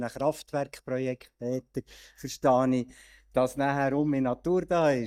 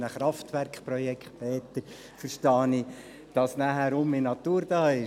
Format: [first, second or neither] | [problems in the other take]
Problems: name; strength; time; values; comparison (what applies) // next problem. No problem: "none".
second | noise reduction (neural mask model DeepFilterNet 3)